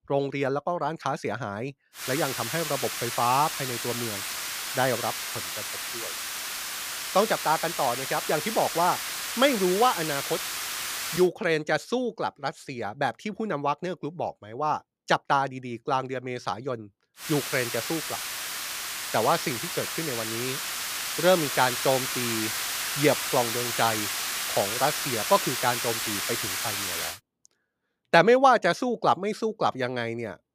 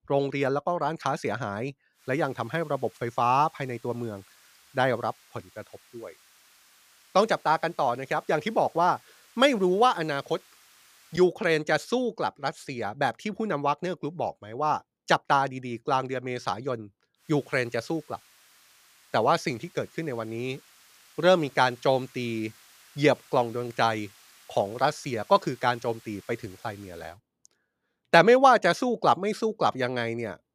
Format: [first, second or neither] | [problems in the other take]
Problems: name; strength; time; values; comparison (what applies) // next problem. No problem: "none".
second | hiss; loud; from 2 to 11 s and from 17 to 27 s; 3 dB below the speech; faint in the second